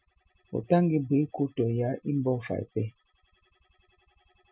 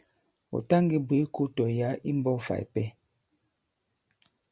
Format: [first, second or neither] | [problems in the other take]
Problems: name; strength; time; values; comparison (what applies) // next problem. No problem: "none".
second | noise reduction (classical method Wiener filter)